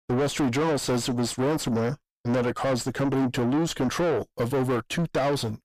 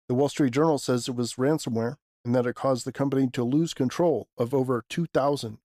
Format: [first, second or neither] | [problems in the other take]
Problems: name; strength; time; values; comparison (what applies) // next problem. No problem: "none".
second | distortion; heavy; 5 dB below the speech